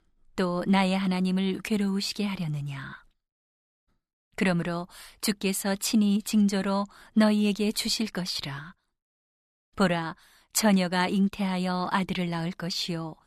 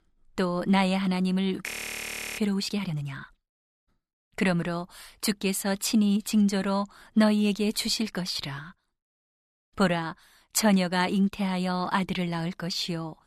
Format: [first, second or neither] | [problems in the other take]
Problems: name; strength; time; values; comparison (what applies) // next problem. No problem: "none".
first | audio freezing; at 1.5 s for 0.5 s